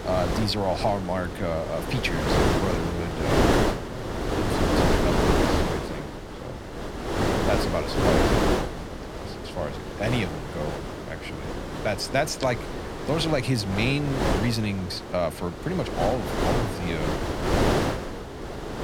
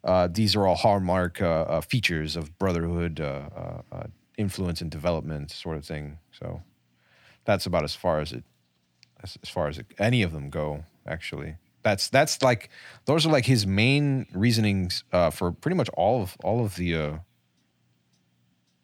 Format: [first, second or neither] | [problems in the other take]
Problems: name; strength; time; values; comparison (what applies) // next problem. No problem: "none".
second | wind noise on the microphone; heavy; 1 dB above the speech